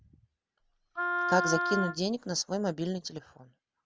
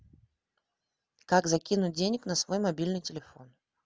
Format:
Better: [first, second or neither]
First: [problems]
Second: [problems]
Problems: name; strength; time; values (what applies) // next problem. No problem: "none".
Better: second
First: background sound (Wind instrument, woodwind instrument); as loud as the speech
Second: none